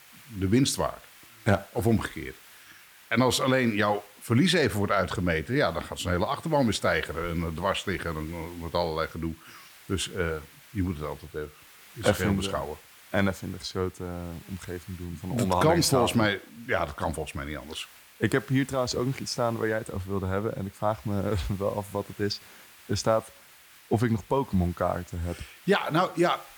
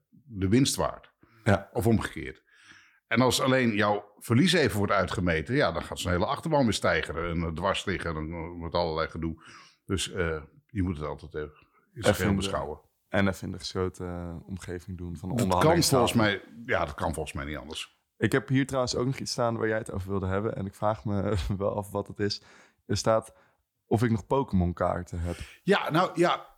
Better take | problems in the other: second | hiss; faint; throughout; 20 dB below the speech

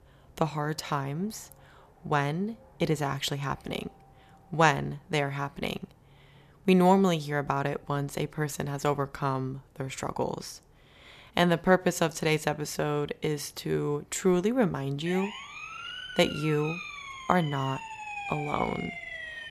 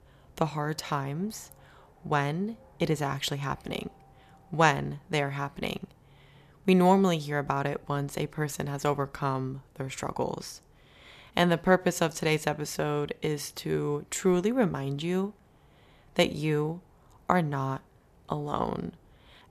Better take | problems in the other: second | siren; noticeable; from 15 s on; peak 6 dB below the speech

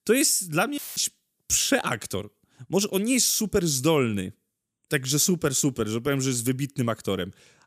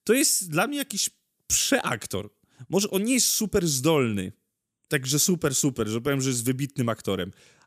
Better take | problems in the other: second | audio cutting out; filled with static; at 1 s

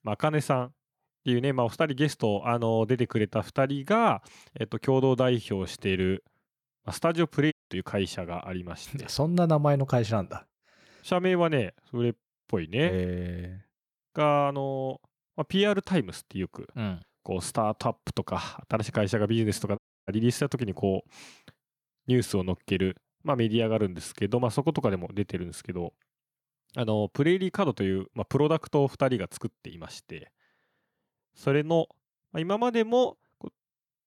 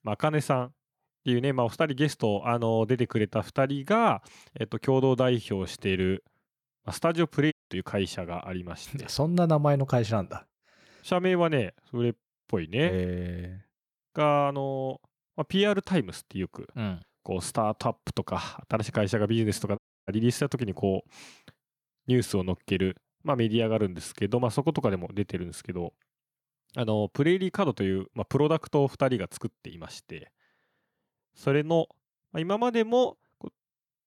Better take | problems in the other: neither | audio cutting out; at 7.5 s and at 20 s; the same in both

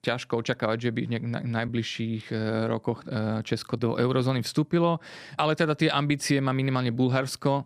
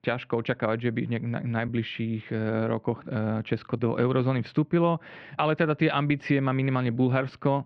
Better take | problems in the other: first | muffled; very; fading above 3 kHz

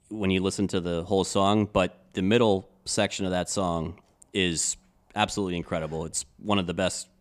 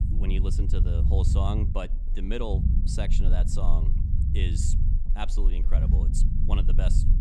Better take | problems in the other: first | low rumble; loud; throughout; 5 dB below the speech

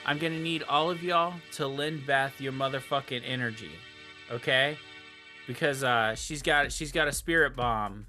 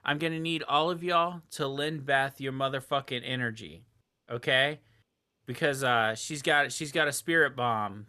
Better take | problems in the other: second | background music; noticeable; throughout; 20 dB below the speech

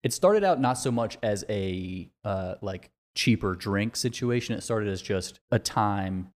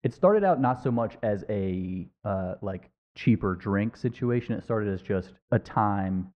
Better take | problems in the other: first | muffled; very; fading above 1.5 kHz

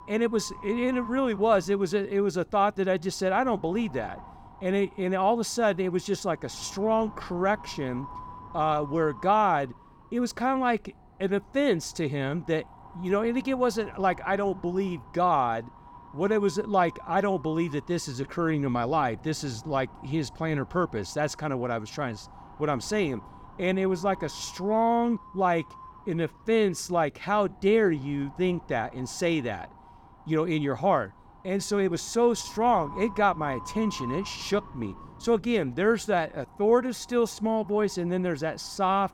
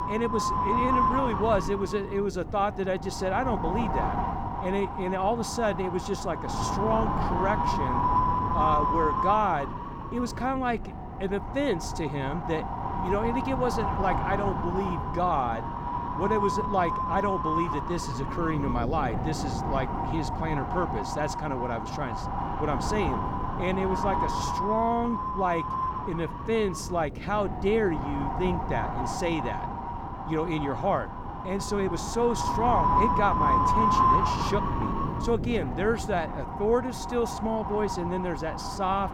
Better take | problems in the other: first | wind noise on the microphone; heavy; 2 dB above the speech; occasional gusts in the first

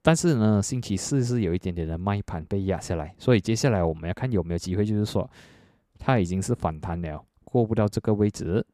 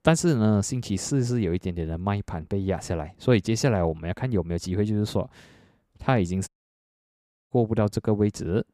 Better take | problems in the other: first | audio cutting out; at 6.5 s for 1 s

